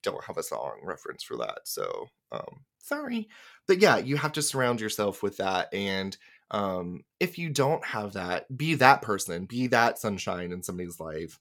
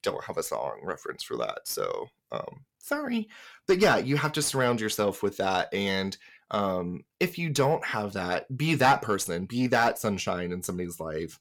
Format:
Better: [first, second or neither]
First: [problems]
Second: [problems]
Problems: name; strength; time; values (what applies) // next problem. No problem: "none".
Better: first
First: none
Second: distortion; slight; 10 dB below the speech